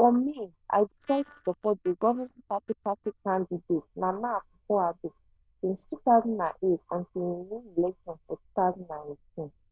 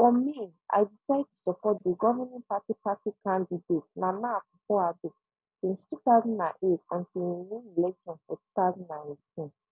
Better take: second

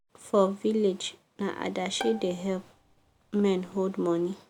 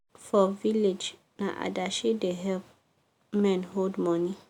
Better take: second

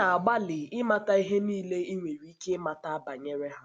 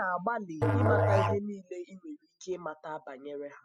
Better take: first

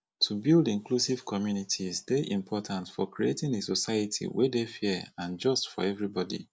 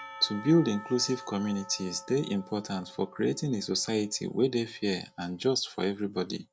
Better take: first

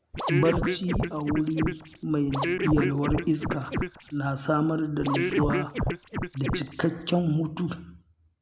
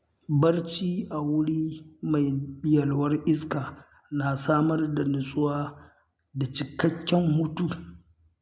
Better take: second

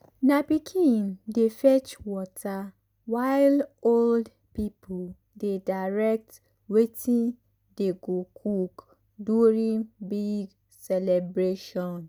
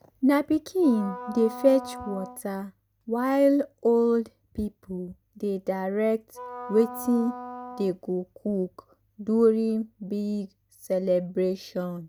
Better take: first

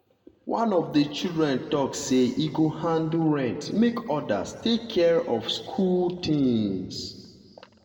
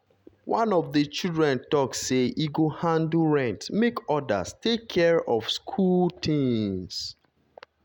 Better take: second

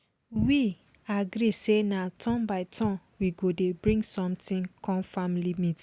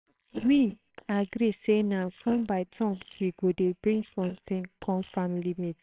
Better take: first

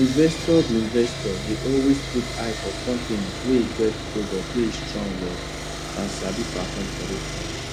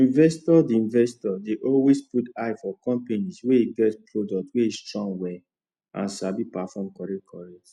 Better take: second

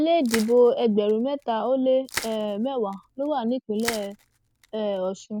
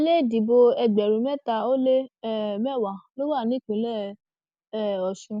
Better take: second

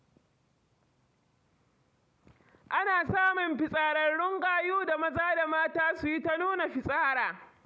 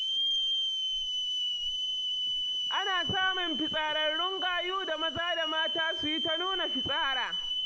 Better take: first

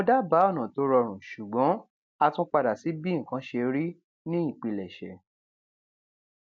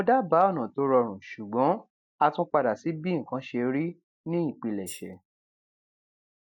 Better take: first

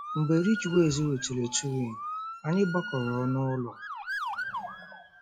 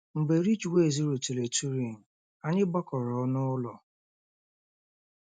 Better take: second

